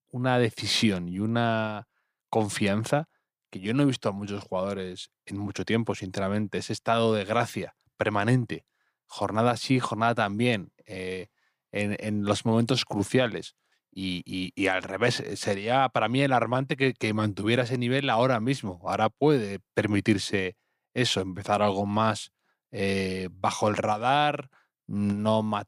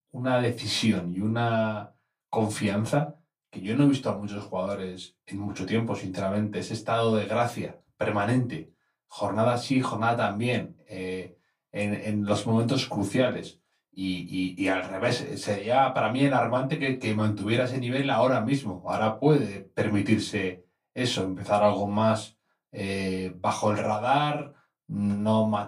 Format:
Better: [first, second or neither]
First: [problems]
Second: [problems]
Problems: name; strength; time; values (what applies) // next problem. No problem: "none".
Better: first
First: none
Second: off-mic speech; far // room echo; very slight; dies away in 0.2 s